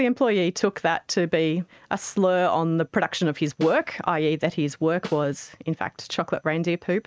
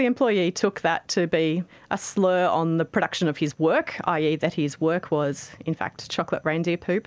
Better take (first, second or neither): second